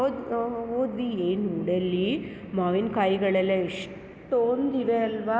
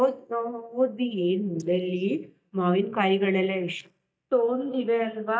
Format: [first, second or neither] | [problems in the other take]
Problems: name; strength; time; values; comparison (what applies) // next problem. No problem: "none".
first | noise reduction (neural mask model DeepFilterNet 3)